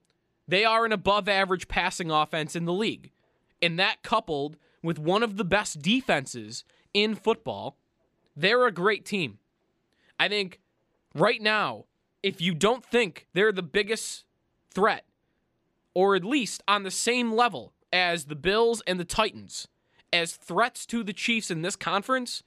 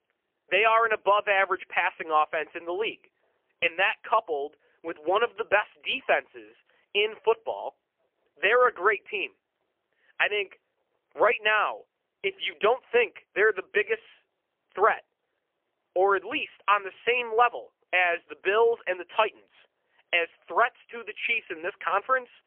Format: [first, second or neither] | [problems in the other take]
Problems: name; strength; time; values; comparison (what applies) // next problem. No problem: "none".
first | phone-call audio; poor line; nothing above 3 kHz